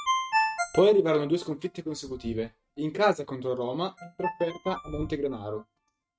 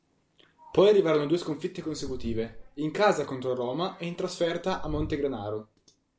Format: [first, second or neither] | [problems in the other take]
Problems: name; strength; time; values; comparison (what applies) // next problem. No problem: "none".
second | noise reduction (neural mask model RNNoise)